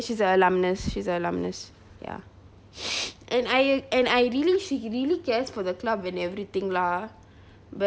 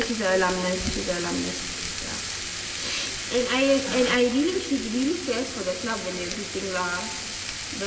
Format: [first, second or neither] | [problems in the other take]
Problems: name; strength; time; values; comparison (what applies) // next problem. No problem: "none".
first | background sound (Frying (food)); 6 dB below the speech // room echo; dies away in 1.9 s